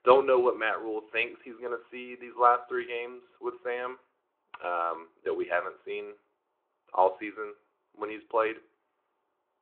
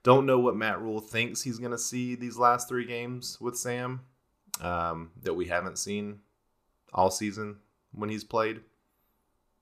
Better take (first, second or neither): second